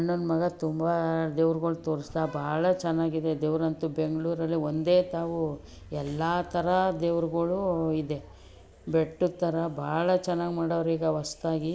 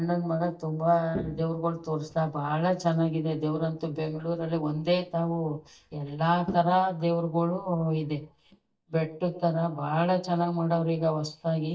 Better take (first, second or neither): first